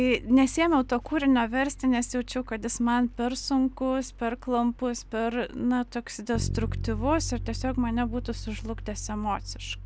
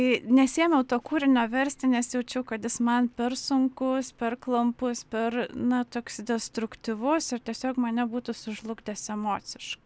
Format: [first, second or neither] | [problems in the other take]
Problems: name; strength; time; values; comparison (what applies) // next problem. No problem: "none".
second | background sound (Bass guitar); 10 dB below the speech